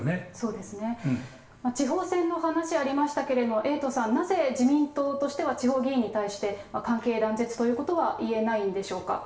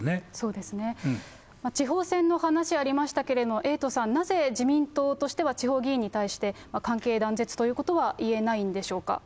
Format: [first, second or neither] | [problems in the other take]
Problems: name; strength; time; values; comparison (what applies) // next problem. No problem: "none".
second | room echo; dies away in 0.7 s